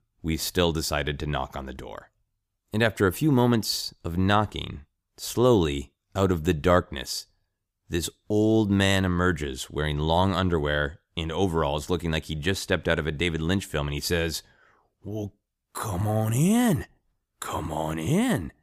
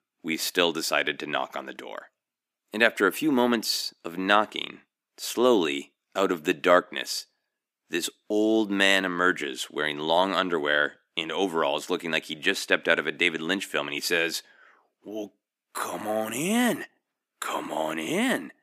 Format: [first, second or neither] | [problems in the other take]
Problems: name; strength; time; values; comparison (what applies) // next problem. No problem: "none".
first | thin; somewhat; fading below 250 Hz